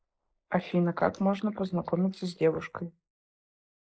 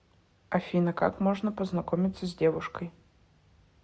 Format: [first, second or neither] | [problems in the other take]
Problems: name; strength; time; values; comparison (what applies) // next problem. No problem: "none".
second | noise reduction (neural mask model Resemble Enhance denoiser)